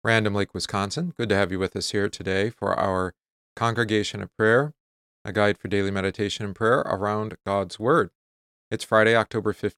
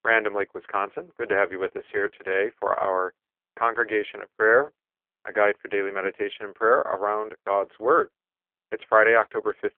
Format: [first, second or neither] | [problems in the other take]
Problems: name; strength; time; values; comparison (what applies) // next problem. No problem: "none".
first | phone-call audio; poor line; nothing above 3.5 kHz